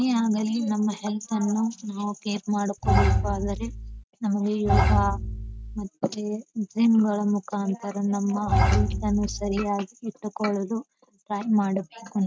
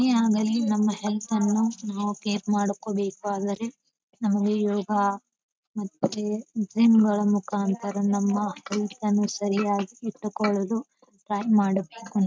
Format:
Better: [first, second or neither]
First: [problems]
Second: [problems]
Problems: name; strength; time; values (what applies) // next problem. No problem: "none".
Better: second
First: background sound (Bowed string instrument); 2 dB above the speech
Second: none